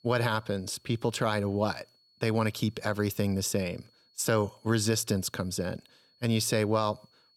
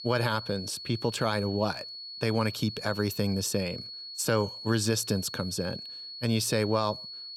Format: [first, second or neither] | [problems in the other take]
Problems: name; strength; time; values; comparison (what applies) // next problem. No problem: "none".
first | high-pitched whine; loud; throughout; 4.5 kHz, 9 dB below the speech; faint in the first